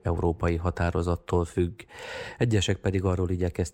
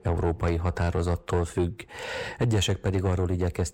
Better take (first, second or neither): first